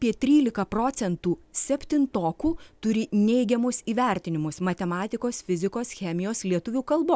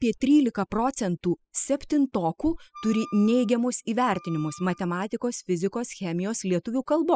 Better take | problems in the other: first | noise reduction (classical method spectral subtraction)

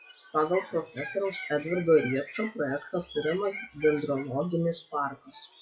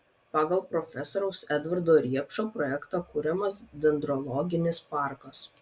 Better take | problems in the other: second | noise reduction (classical method log-MMSE)

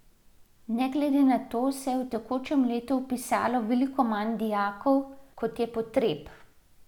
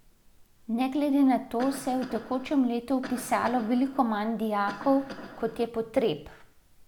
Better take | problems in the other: first | background sound (Cough); 15 dB below the speech

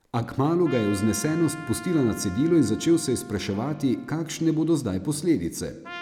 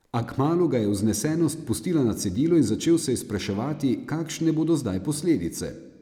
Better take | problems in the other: second | background sound (Trumpet); 19 dB below the speech

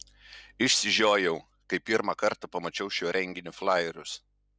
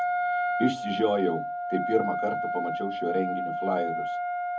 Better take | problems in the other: first | background sound (Wind instrument, woodwind instrument); 1 dB above the speech // room echo; dies away in 0.3 s

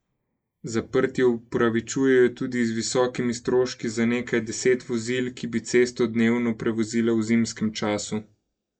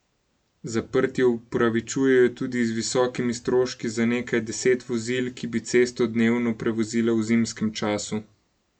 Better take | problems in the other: second | noise reduction (neural mask model Resemble Enhance denoiser)

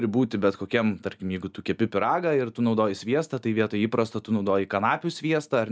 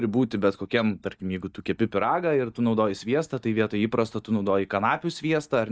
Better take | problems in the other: first | noise reduction (neural mask model DeepFilterNet 3)

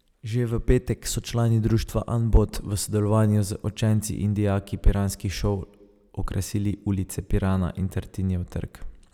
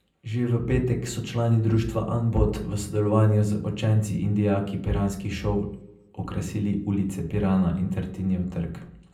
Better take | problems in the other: first | room echo; dies away in 0.6 s

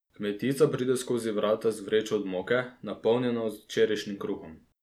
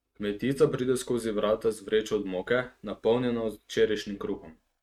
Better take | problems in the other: first | noise reduction (neural mask model RNNoise)

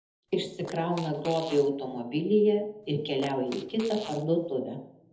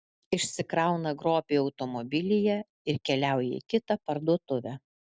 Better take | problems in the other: second | background sound (Fart); 18 dB below the speech // room echo; dies away in 0.8 s

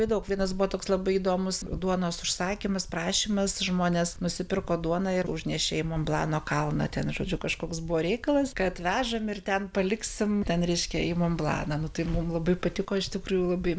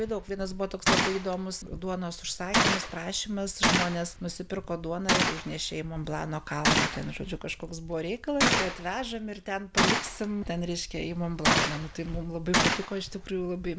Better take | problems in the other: first | background sound (Gunshot, gunfire); 2 dB above the speech

